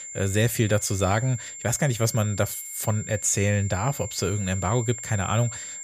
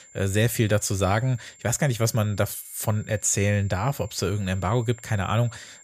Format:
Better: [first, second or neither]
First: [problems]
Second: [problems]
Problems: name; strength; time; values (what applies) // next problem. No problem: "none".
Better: second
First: high-pitched whine; loud; throughout; 7.5 kHz, 10 dB below the speech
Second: high-pitched whine; faint; throughout; 7.5 kHz, 25 dB below the speech